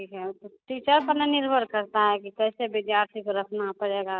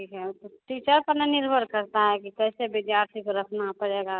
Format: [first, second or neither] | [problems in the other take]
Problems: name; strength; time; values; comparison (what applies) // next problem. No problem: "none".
second | noise reduction (neural mask model RNNoise)